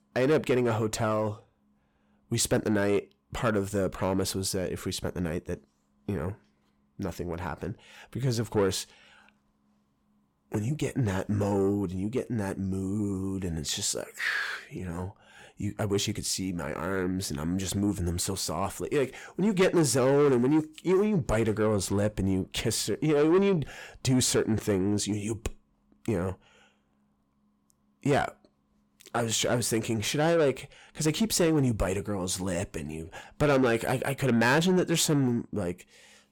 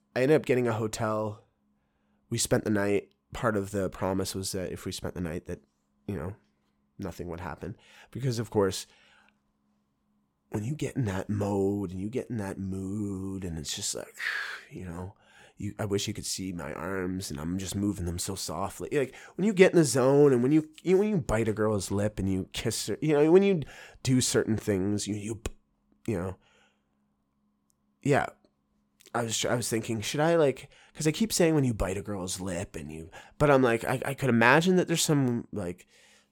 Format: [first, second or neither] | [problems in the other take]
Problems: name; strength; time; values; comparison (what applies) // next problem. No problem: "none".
second | distortion; slight; 10 dB below the speech